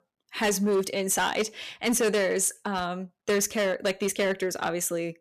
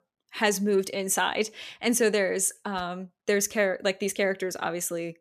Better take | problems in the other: second | distortion; slight; 9% of the sound clipped

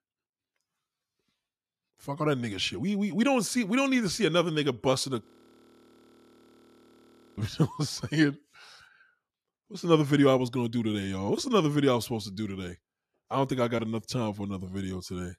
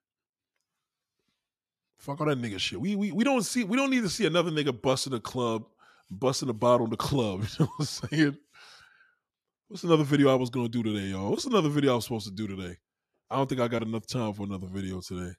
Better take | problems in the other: second | audio freezing; at 5.5 s for 2 s

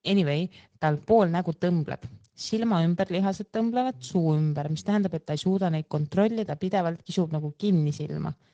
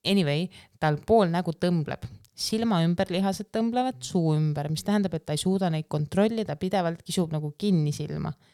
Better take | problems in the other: second | garbled, watery; slightly

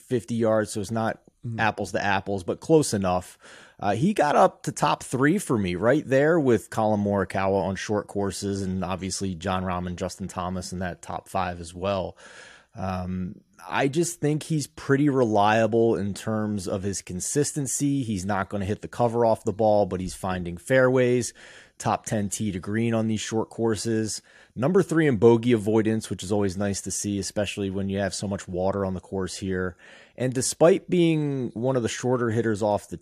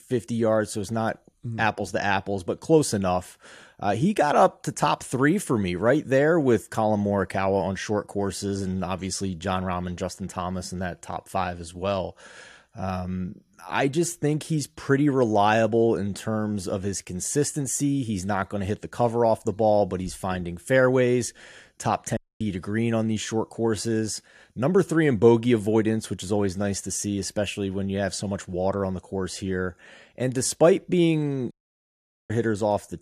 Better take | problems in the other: first | audio cutting out; at 22 s and at 32 s for 1 s

